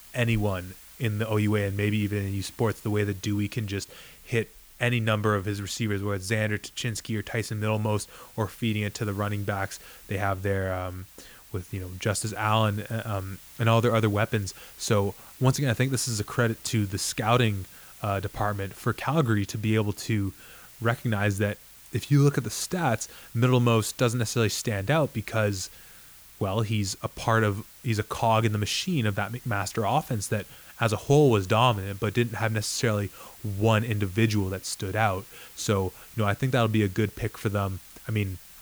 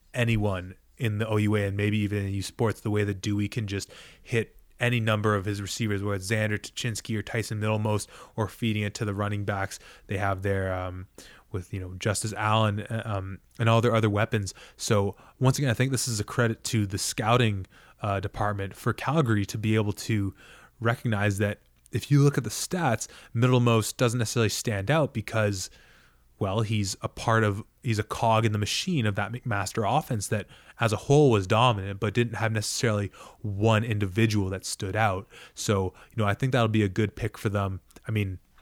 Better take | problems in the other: second | hiss; noticeable; throughout; 20 dB below the speech

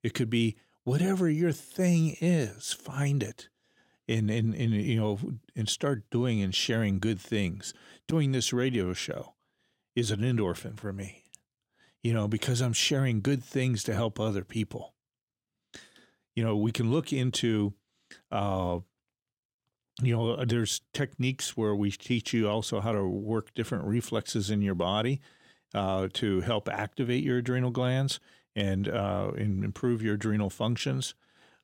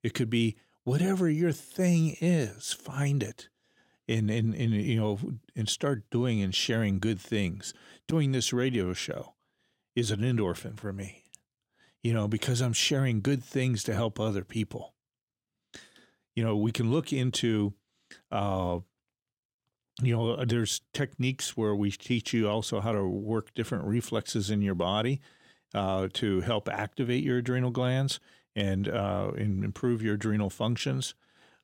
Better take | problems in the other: neither | none

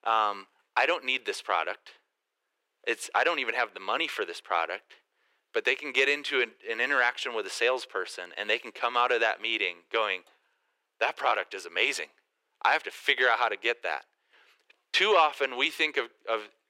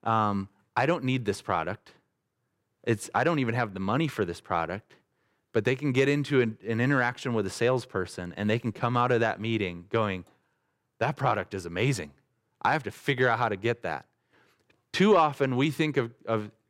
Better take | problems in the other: second | thin; very; fading below 400 Hz

